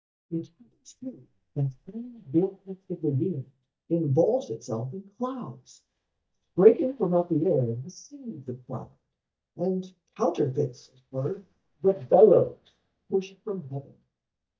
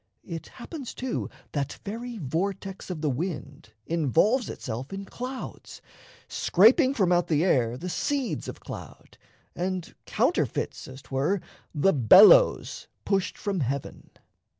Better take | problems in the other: second | noise reduction (neural mask model DeepFilterNet 3)

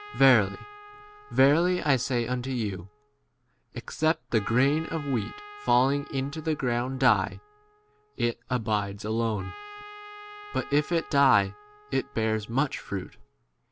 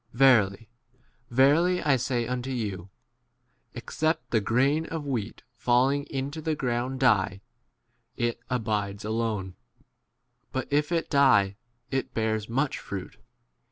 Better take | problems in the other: second | background sound (Trumpet); 19 dB below the speech

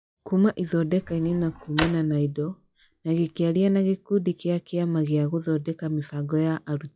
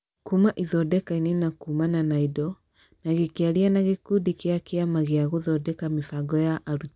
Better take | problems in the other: second | noise reduction (classical method log-MMSE)

